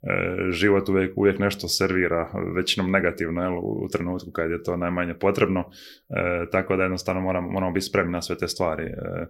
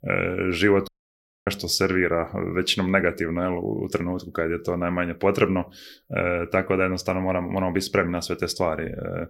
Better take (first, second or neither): first